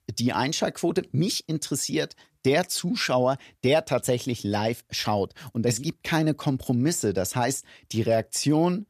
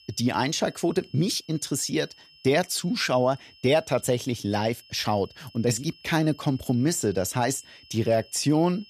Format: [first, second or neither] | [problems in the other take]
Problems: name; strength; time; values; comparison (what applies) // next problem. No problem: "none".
first | high-pitched whine; faint; throughout; 5 kHz, 25 dB below the speech